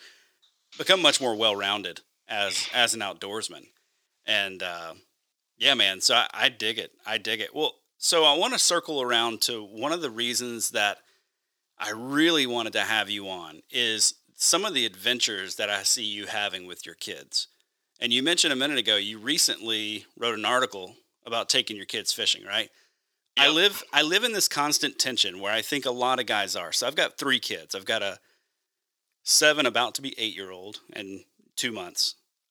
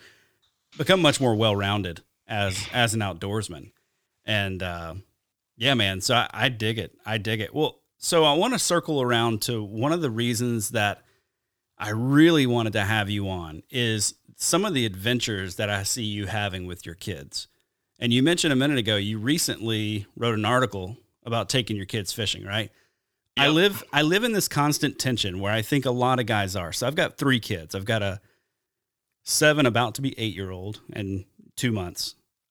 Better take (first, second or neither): second